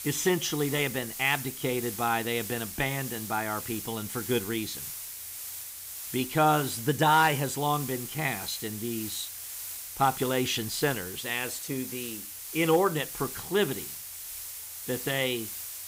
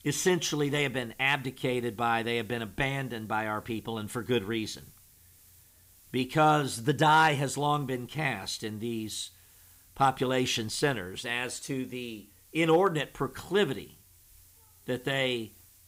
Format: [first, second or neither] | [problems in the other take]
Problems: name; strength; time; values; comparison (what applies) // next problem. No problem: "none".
second | hiss; loud; throughout; 7 dB below the speech; faint in the second